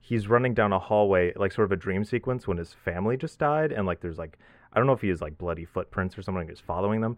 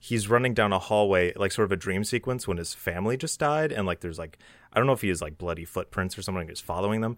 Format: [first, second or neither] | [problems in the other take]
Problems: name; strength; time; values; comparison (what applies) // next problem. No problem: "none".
second | muffled; very; fading above 3.5 kHz